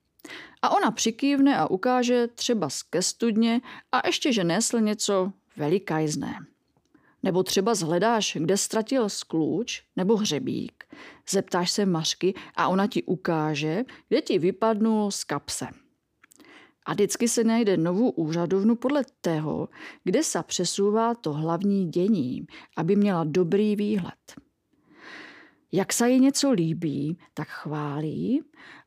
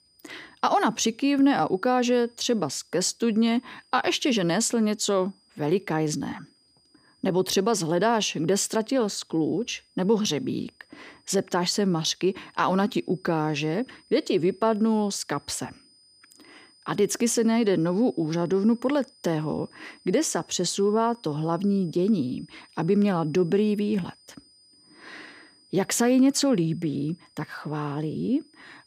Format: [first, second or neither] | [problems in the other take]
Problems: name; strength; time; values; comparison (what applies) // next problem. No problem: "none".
first | high-pitched whine; faint; throughout; 5 kHz, 30 dB below the speech